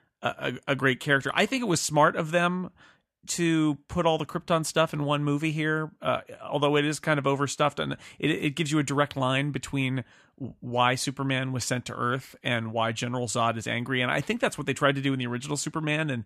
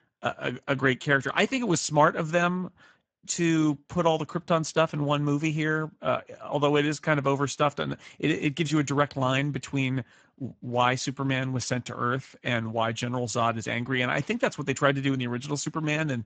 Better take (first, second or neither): first